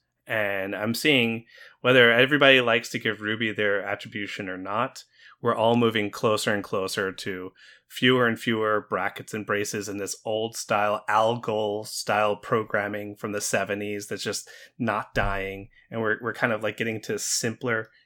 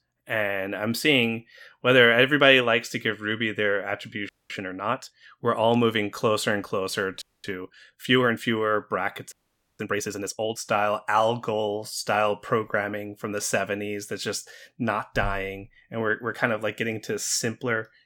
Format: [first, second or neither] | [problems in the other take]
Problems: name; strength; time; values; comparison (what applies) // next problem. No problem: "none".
first | audio freezing; at 4.5 s, at 7 s and at 9.5 s